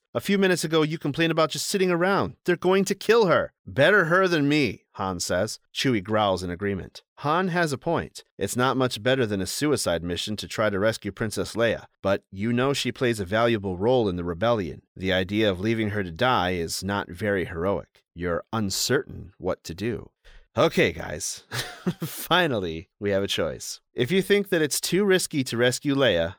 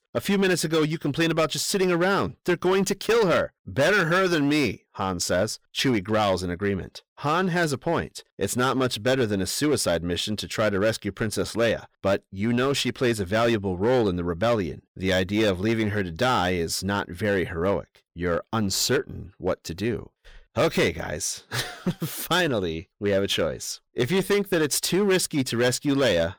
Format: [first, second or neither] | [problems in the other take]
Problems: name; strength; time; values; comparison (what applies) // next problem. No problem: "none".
first | distortion; slight; 8% of the sound clipped